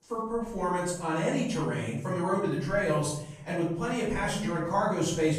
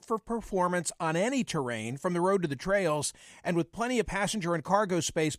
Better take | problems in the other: second | off-mic speech; far // room echo; noticeable; dies away in 0.9 s

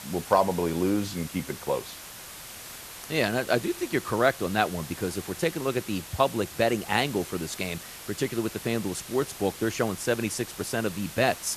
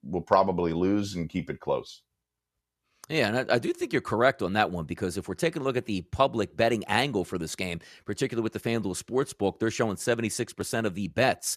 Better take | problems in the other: second | hiss; noticeable; throughout; 10 dB below the speech

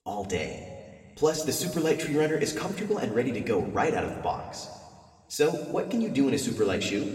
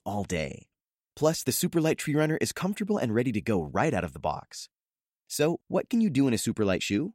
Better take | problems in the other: second | room echo; slight; dies away in 1.9 s

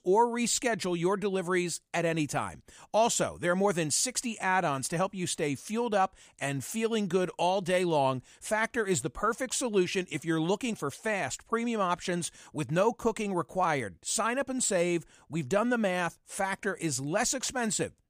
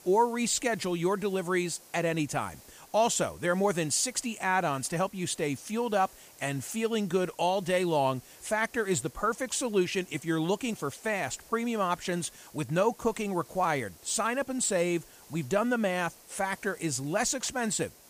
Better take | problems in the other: first | hiss; faint; throughout; 25 dB below the speech

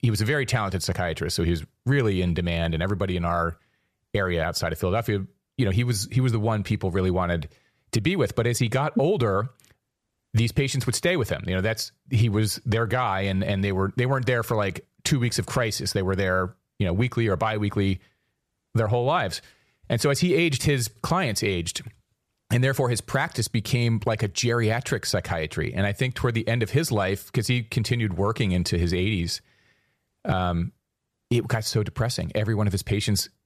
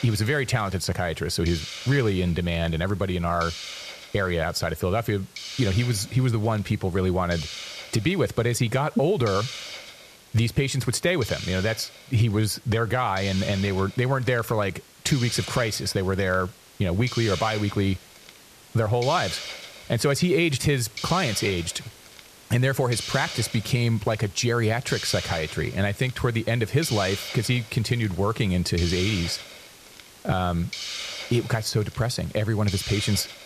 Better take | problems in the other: first | hiss; noticeable; throughout; 10 dB below the speech

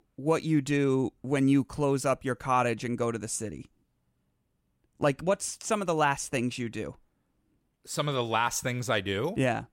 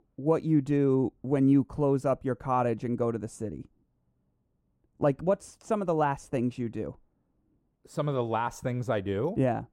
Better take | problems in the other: first | muffled; slightly; fading above 1.5 kHz

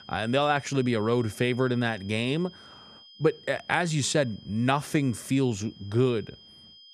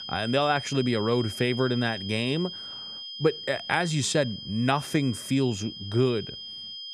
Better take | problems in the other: first | high-pitched whine; loud; throughout; 3 kHz, 10 dB below the speech; faint in the first

